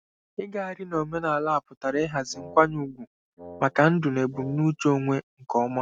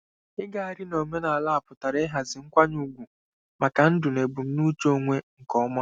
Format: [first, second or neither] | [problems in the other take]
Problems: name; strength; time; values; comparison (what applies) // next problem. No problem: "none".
second | noise reduction (neural mask model RNNoise)